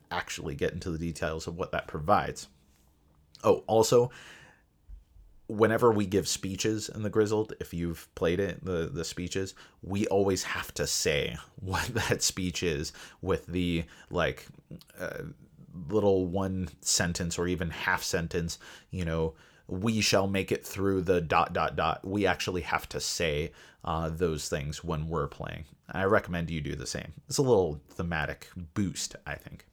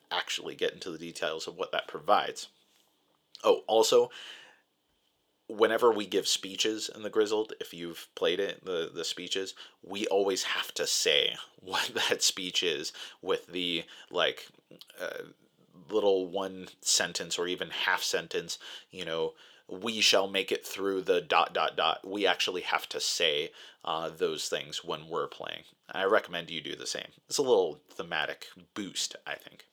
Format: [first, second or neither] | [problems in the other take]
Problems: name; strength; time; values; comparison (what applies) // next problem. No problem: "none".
first | thin; somewhat; fading below 400 Hz